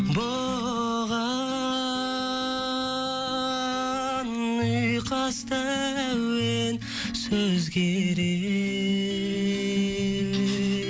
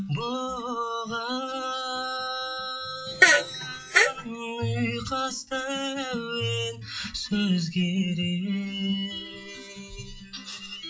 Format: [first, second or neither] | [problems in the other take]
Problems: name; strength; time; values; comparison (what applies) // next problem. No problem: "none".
first | noise reduction (classical method WPE with log-MMSE)